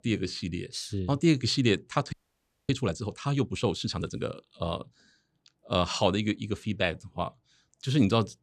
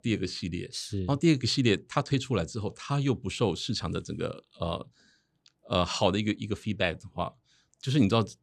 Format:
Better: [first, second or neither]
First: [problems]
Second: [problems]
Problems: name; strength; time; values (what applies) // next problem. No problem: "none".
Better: second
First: audio freezing; at 2 s for 0.5 s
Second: none